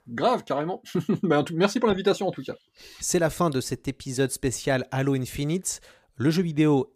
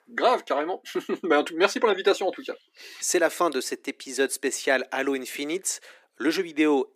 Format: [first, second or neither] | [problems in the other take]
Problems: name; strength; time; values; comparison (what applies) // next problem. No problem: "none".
first | thin; somewhat; fading below 300 Hz